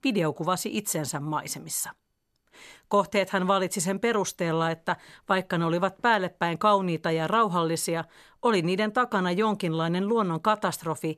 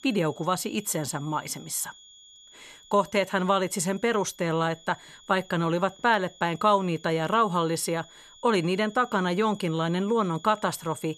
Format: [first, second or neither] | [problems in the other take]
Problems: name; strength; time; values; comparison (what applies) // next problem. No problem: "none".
first | high-pitched whine; faint; throughout; 3.5 kHz, 25 dB below the speech